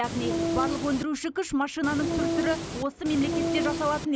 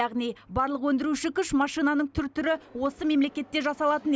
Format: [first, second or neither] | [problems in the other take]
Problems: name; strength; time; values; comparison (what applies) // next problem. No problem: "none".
second | background sound (Train); as loud as the speech